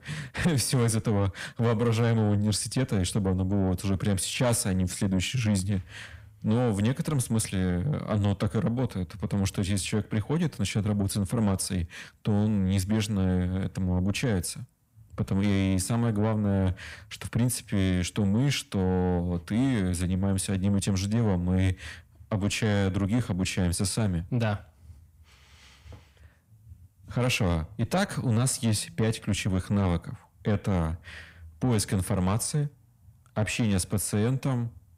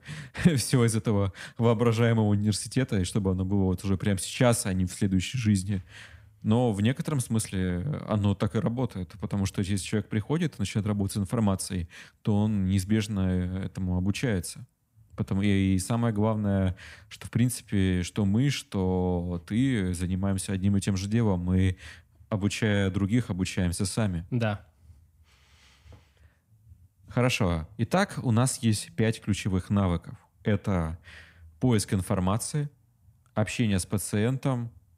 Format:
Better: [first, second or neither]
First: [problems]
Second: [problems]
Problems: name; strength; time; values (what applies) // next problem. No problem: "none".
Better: second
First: distortion; slight; 10 dB below the speech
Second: none